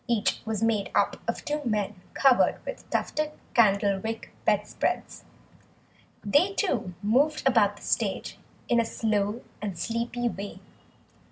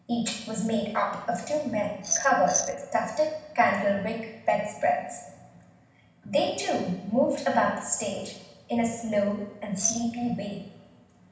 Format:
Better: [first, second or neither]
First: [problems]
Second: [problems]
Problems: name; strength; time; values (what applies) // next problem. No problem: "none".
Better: first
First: none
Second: background sound (Glass); 2 dB below the speech // room echo; dies away in 0.9 s